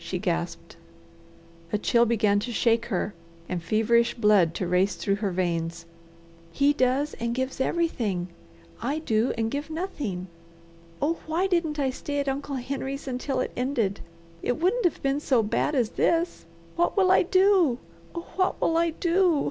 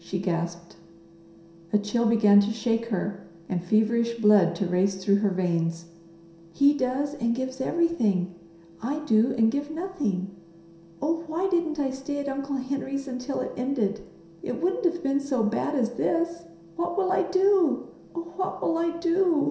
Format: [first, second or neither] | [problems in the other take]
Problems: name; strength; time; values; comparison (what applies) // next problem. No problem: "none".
first | room echo; dies away in 0.7 s